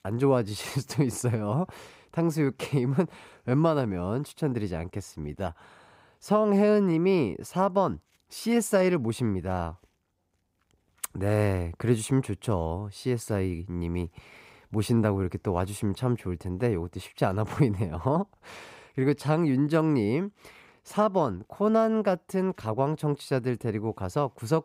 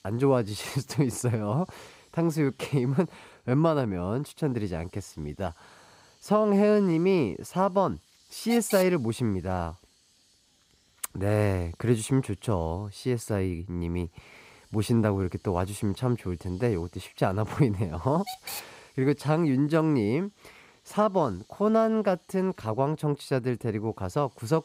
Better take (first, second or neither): first